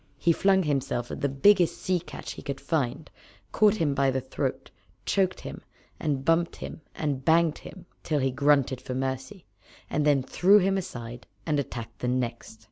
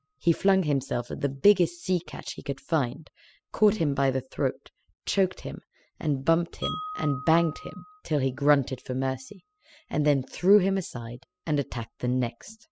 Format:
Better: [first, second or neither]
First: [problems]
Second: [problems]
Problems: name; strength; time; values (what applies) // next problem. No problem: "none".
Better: first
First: none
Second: noise reduction (classical method spectral subtraction)